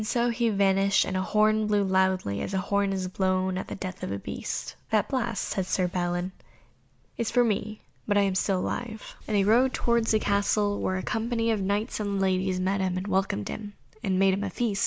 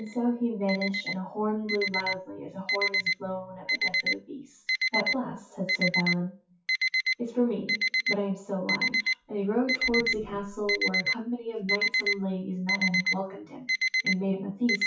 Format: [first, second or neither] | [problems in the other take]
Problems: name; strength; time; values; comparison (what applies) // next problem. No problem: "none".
first | noise reduction (classical method WPE with log-MMSE)